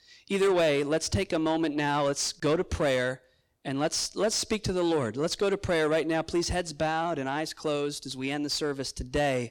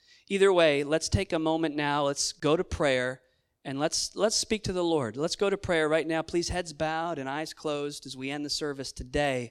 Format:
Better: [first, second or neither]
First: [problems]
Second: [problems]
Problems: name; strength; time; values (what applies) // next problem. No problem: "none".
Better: second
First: distortion; slight; 10 dB below the speech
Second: none